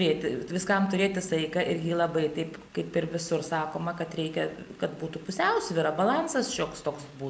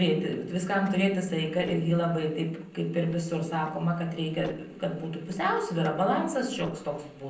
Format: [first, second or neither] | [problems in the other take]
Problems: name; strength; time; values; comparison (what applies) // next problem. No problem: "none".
first | noise reduction (neural separator model SepFormer DNS4)